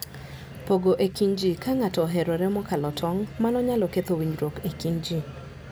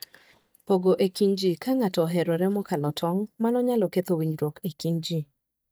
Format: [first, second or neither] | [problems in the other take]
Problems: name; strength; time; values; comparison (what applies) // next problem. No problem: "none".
first | noise reduction (neural mask model DeepFilterNet 3)